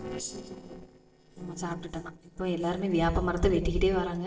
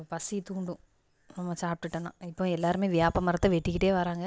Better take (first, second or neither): second